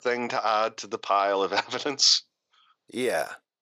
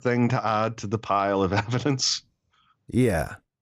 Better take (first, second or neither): second